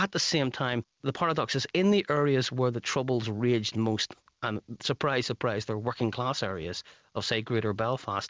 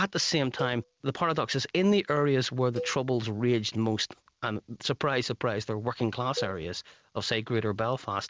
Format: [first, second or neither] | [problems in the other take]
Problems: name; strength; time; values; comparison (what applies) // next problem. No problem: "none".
first | background sound (Cowbell); 14 dB below the speech